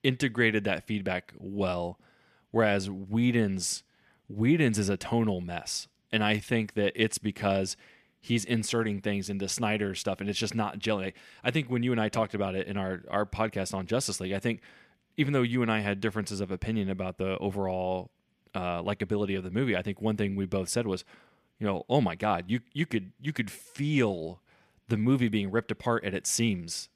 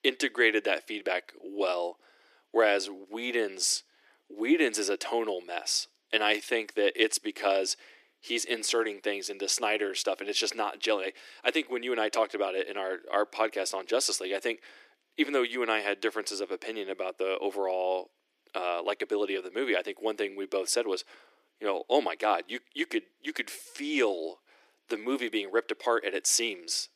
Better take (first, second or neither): first